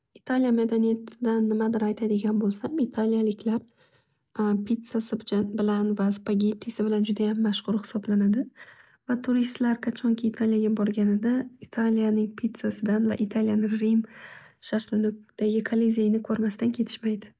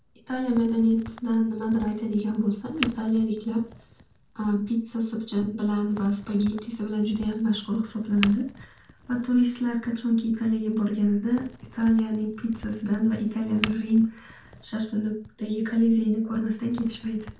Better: first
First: none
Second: background sound (Crack); 17 dB below the speech // room echo; dies away in 0.3 s

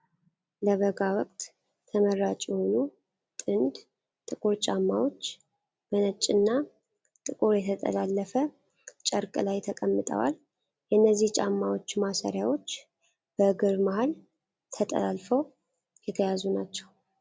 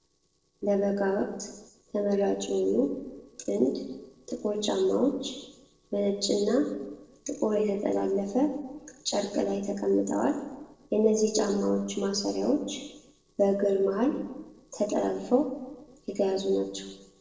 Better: first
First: none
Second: noise reduction (neural separator model SepFormer DNS4)

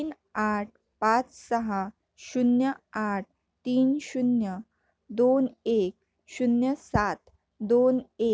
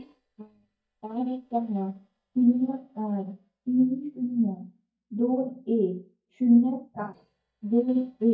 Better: first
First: none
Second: noise reduction (neural mask model DeepFilterNet 3)

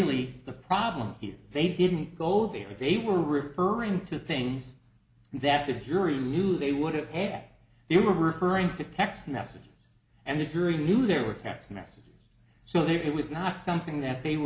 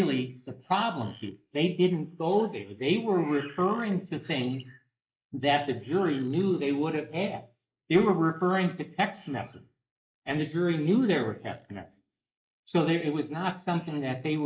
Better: first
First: none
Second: noise reduction (neural mask model Resemble Enhance denoiser)

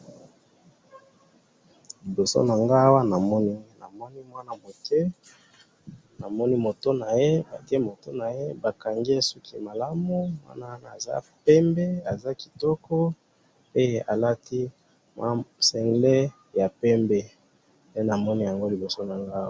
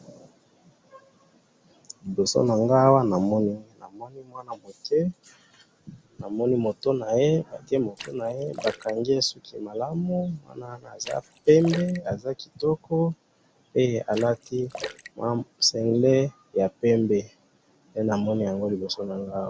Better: first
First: none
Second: background sound (Splash, splatter); 16 dB below the speech

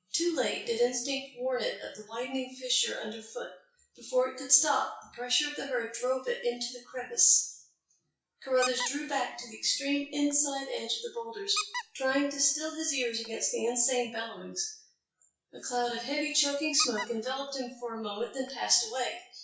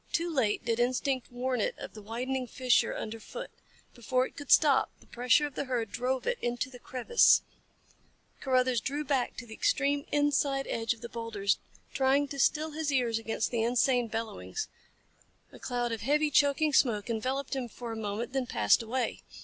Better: second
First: noise reduction (classical method WPE with log-MMSE)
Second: none

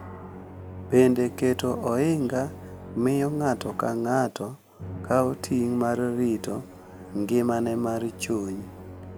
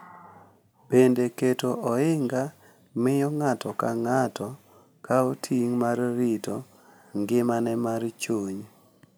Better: second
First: background sound (Musical instrument); 15 dB below the speech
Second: none

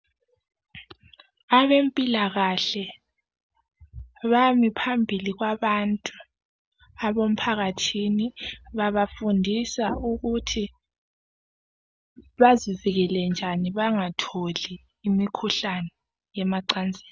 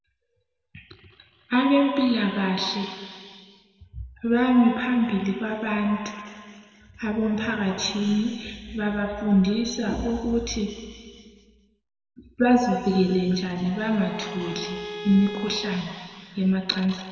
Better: first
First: none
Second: background sound (Bowed string instrument); 12 dB below the speech // room echo; dies away in 2.1 s

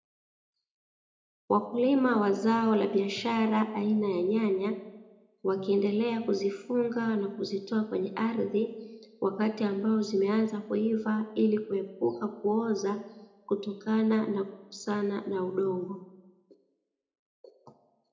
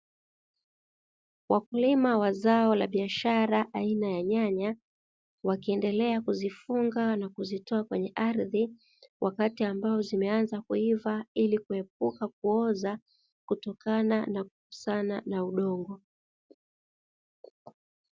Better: second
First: room echo; dies away in 0.6 s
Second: none

